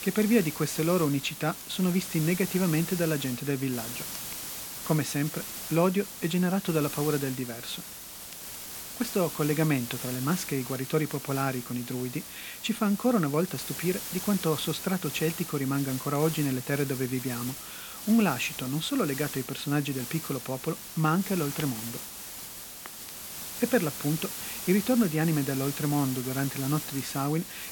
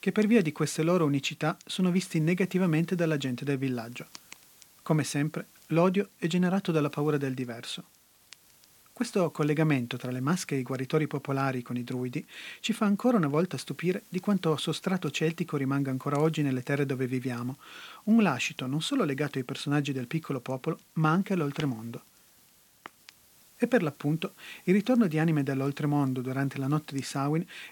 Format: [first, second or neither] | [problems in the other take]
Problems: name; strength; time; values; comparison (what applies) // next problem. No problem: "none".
second | hiss; loud; throughout; 7 dB below the speech; faint in the second